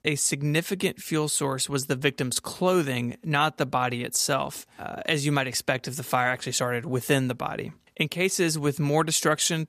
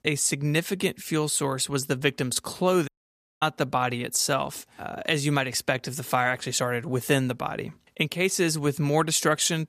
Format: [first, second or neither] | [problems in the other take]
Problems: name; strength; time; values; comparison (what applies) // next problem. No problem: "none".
first | audio cutting out; at 3 s for 0.5 s